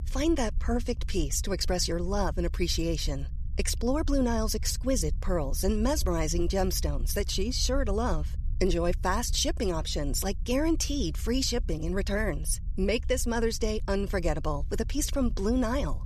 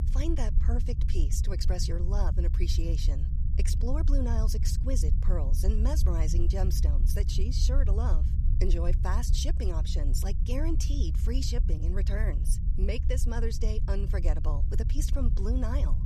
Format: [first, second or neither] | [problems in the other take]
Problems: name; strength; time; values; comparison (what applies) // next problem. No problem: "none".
first | low rumble; loud; throughout; 8 dB below the speech; faint in the first